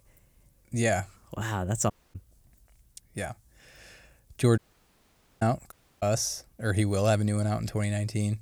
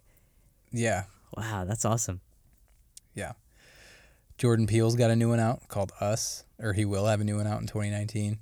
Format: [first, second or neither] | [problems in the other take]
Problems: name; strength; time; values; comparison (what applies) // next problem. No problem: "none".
second | audio cutting out; at 2 s, at 4.5 s for 1 s and at 5.5 s